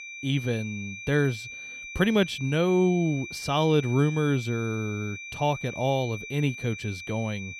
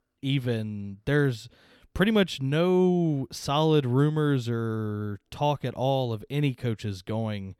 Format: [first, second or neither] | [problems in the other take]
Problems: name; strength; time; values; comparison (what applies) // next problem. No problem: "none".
second | high-pitched whine; noticeable; throughout; 2.5 kHz, 10 dB below the speech